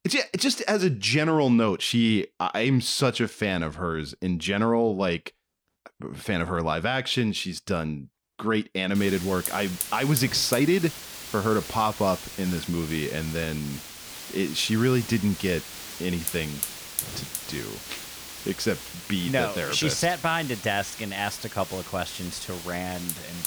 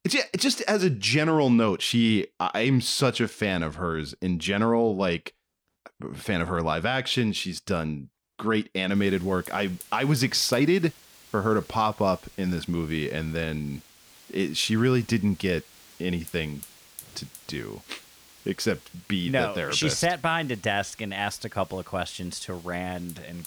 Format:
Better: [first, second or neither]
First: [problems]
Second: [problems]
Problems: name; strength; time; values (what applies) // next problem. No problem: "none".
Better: second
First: hiss; loud; from 9 s on; 9 dB below the speech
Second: hiss; faint; from 9 s on; 20 dB below the speech